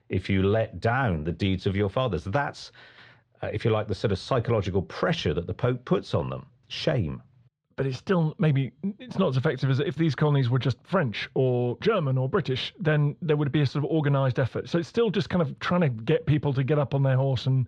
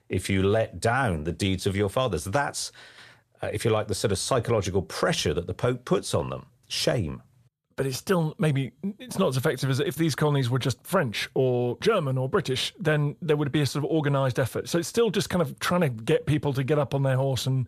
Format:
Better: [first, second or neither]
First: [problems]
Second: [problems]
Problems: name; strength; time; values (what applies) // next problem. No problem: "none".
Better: second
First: muffled; very slightly; fading above 4 kHz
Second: none